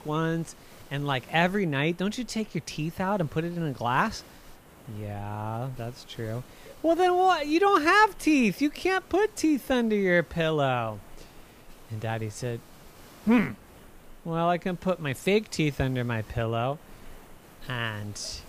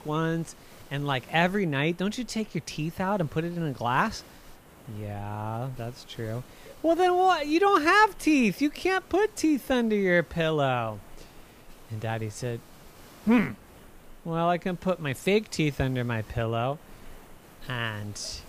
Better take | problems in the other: neither | hiss; faint; throughout; 25 dB below the speech; the same in both

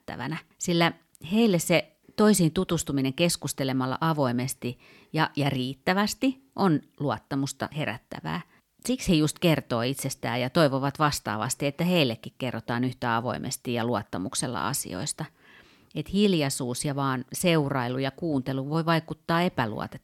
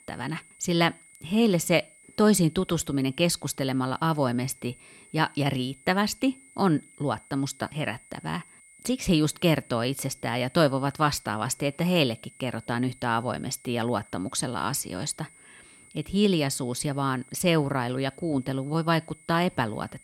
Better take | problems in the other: first | high-pitched whine; faint; throughout; 9 kHz, 25 dB below the speech

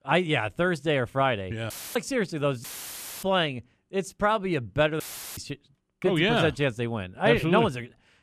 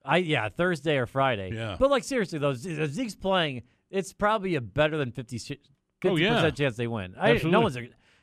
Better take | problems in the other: second | audio cutting out; filled with static; at 1.5 s, at 2.5 s for 0.5 s and at 5 s

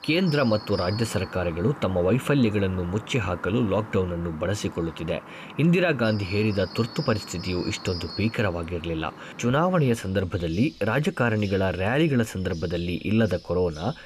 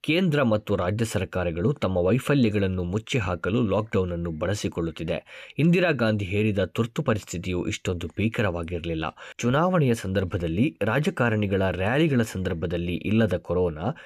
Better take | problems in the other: second | animal sounds; noticeable; throughout; 15 dB below the speech

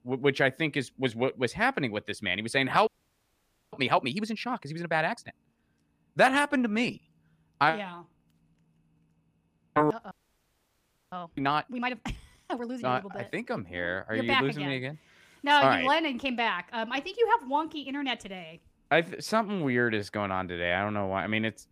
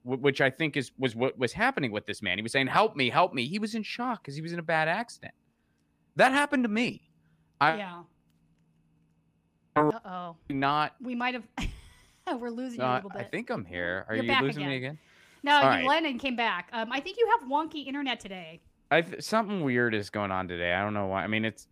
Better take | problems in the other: second | audio freezing; at 3 s for 1 s and at 10 s for 1 s

